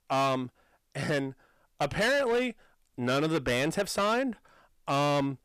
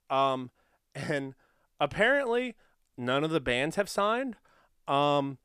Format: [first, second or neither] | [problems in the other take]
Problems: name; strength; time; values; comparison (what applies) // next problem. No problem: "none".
second | distortion; heavy; 13% of the sound clipped